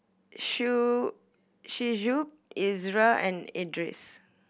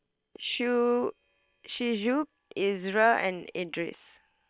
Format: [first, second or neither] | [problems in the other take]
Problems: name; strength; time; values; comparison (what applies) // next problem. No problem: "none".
first | noise reduction (neural separator model SepFormer WHAM!)